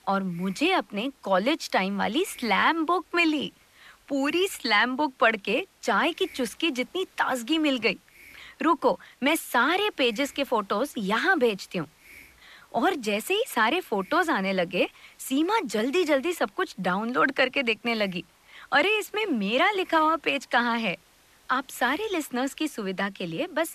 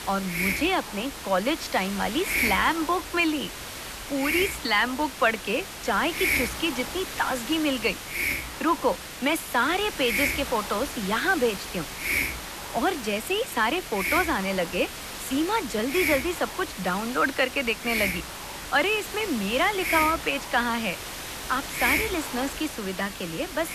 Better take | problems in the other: first | hiss; loud; throughout; 4 dB below the speech; faint in the first

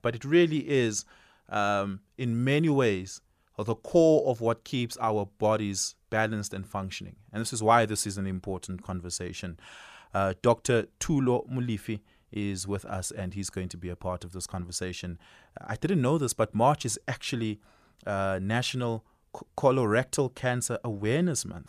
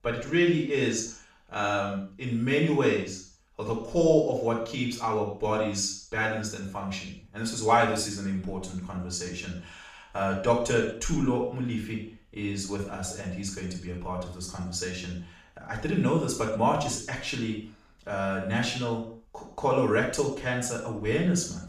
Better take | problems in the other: first | room echo; noticeable; dies away in 0.5 s // off-mic speech; far

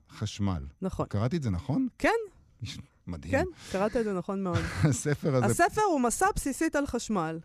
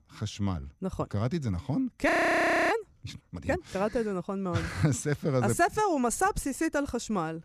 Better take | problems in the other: first | audio freezing; at 2 s for 0.5 s

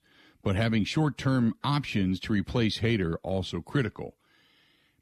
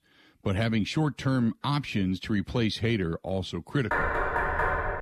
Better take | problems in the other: first | door banging; loud; from 4 s on; peak 2 dB above the speech

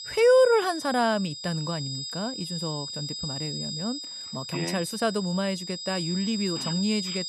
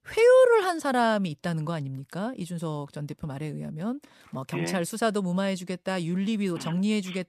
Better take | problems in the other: second | high-pitched whine; loud; throughout; 5 kHz, 7 dB below the speech

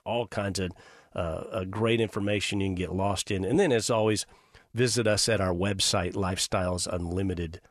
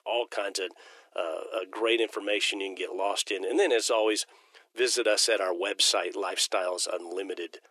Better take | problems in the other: first | thin; very; fading below 350 Hz

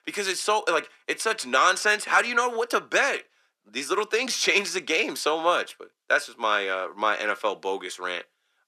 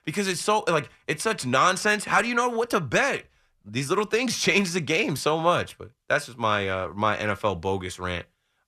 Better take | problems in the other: second | thin; somewhat; fading below 300 Hz

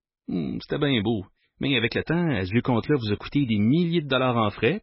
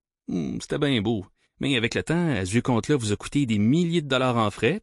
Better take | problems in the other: second | garbled, watery; badly; nothing above 5.5 kHz; slightly in the second

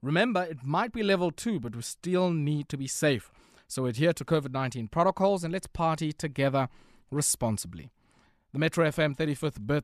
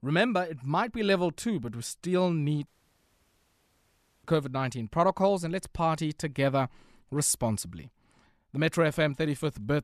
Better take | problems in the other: first | audio cutting out; at 2.5 s for 1.5 s

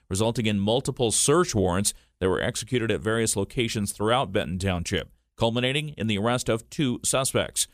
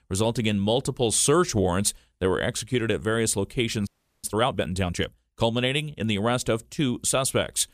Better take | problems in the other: first | audio freezing; at 4 s

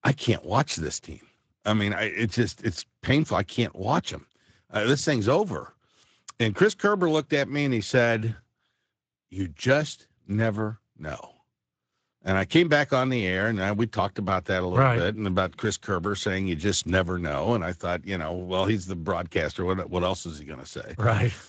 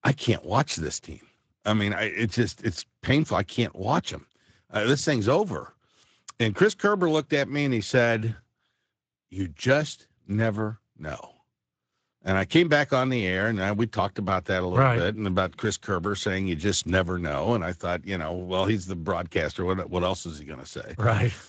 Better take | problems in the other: neither | garbled, watery; slightly; nothing above 7.5 kHz; the same in both

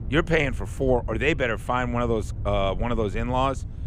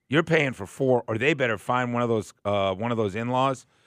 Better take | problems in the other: second | low rumble; faint; throughout; 25 dB below the speech

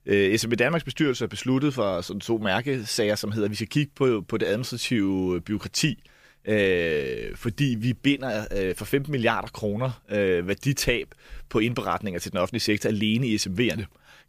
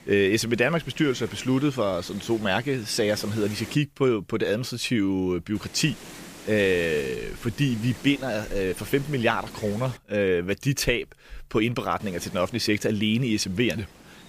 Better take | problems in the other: first | wind noise on the microphone; occasional gusts; until 4 s, from 5.5 to 10 s and from 12 s on; 15 dB below the speech

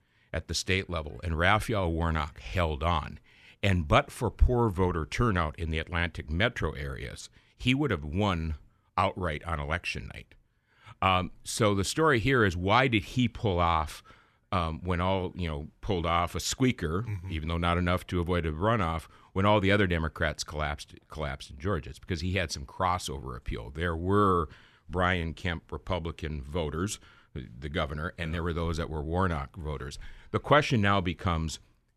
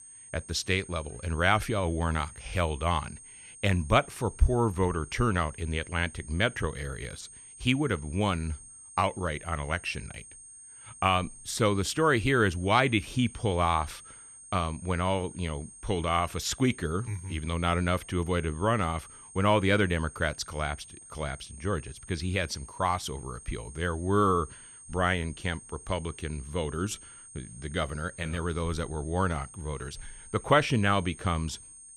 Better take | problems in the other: first | high-pitched whine; noticeable; throughout; 8.5 kHz, 15 dB below the speech

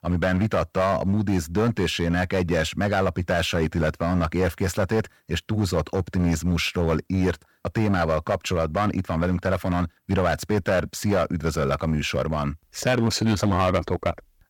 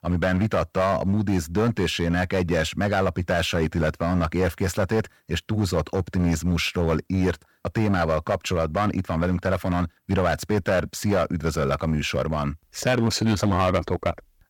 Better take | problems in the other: neither | distortion; slight; 8% of the sound clipped; the same in both

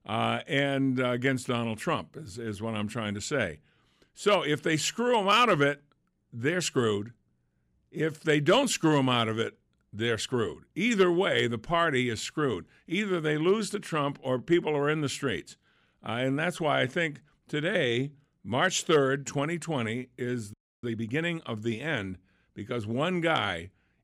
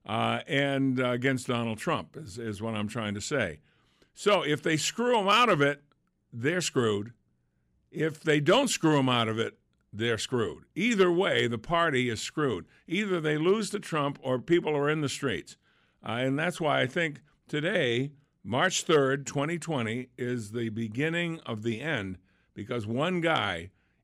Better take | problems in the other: second | audio freezing; at 21 s

